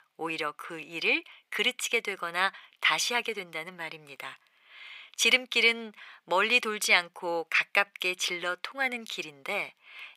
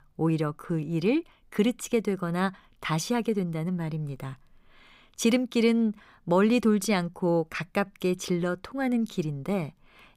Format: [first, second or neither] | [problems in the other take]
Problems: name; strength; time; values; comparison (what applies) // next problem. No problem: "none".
second | thin; very; fading below 700 Hz